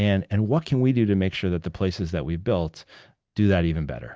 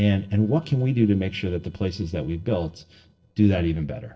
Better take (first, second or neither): first